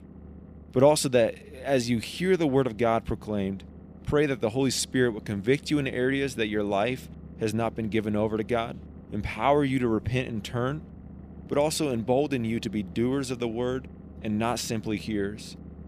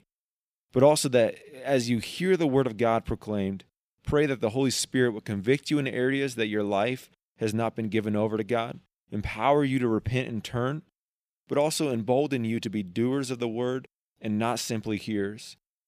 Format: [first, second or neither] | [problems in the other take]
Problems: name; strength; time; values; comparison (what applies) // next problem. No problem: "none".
second | low rumble; faint; throughout; 25 dB below the speech